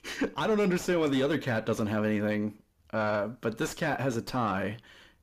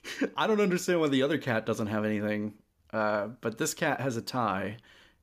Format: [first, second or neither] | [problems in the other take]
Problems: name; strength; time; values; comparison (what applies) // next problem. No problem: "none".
second | distortion; slight; 10 dB below the speech